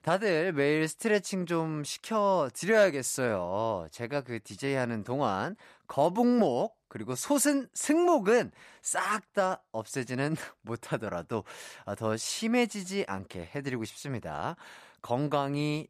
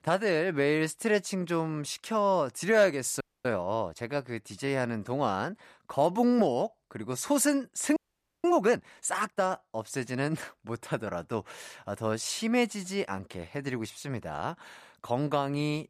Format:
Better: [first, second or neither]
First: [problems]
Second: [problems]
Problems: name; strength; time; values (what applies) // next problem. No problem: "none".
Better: first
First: none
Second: audio freezing; at 3 s and at 8 s